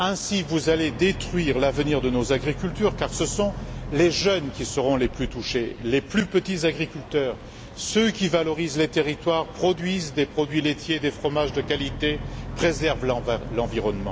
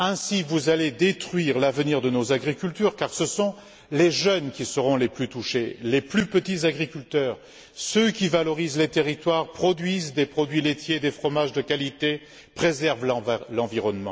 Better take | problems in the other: second | background sound (Boat, Water vehicle); 11 dB below the speech

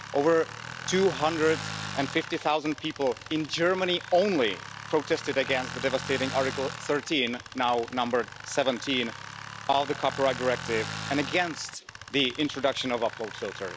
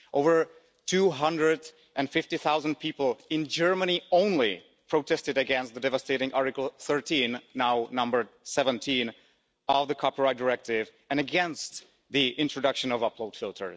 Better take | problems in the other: second | background sound (Tools); 11 dB below the speech

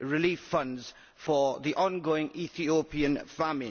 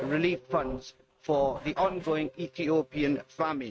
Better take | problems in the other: first | noise reduction (neural mask model RNNoise)

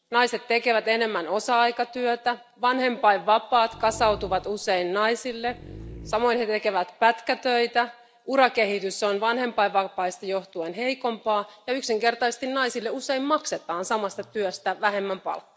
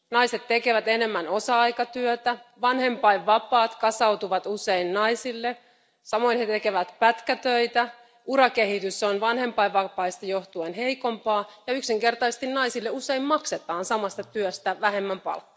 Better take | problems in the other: second | background sound (Dog); 17 dB below the speech

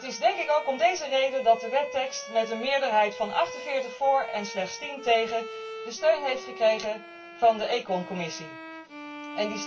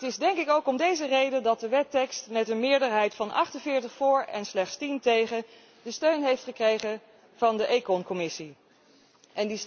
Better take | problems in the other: second | background sound (Bowed string instrument); 13 dB below the speech // room echo; dies away in 0.2 s

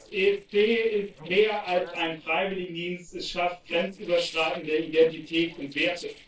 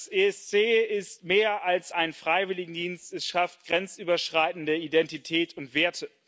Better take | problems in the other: second | noise reduction (neural separator model SepFormer DNS4)

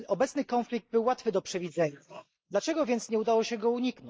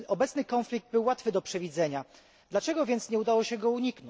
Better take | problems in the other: second | noise reduction (neural mask model Resemble Enhance denoiser)

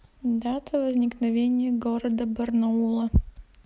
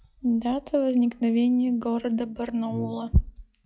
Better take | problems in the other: first | noise reduction (classical method log-MMSE)

